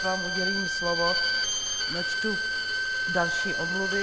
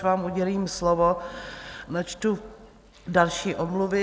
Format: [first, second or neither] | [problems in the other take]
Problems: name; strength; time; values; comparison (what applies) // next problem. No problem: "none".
second | background sound (Bowed string instrument); 4 dB above the speech